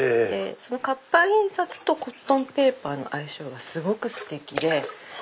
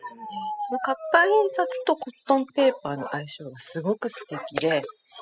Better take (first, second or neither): first